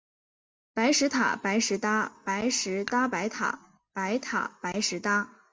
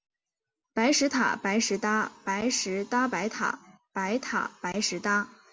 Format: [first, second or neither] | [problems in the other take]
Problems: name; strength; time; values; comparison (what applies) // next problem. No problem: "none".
second | noise reduction (neural mask model DeepFilterNet 3)